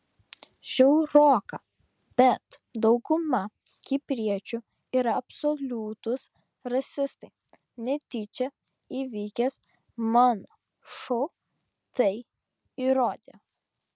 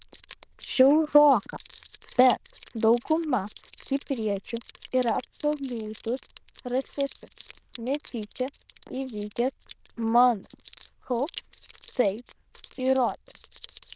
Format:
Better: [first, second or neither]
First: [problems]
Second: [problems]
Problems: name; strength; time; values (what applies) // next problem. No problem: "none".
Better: first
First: none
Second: noise reduction (neural diffusion model UNIVERSE++)